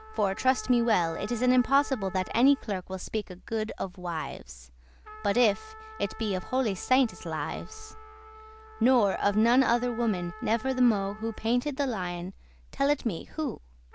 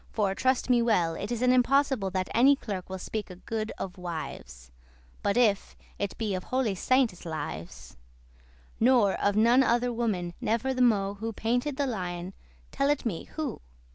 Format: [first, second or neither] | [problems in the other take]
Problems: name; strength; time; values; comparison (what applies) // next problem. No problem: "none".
second | background sound (Trumpet); 20 dB below the speech